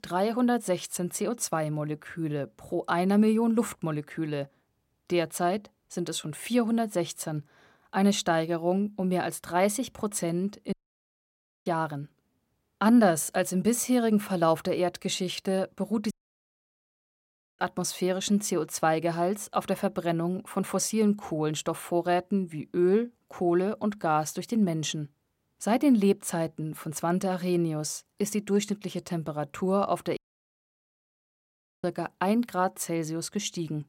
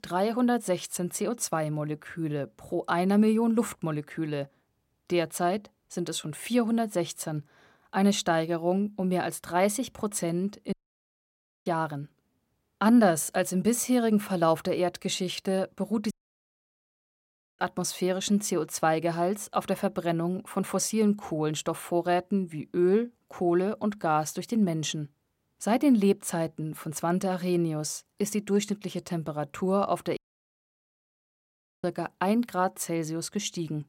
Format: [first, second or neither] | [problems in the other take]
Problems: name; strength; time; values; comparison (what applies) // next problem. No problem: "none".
neither | audio cutting out; at 11 s for 1 s, at 16 s for 1.5 s and at 30 s for 1.5 s; the same in both